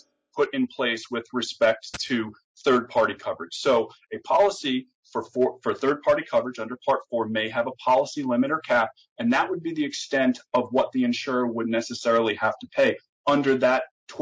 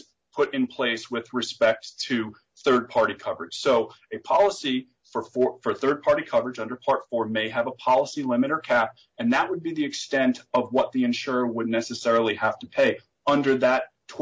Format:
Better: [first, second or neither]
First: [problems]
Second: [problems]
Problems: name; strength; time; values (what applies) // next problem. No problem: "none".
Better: second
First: noise reduction (classical method spectral subtraction)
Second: none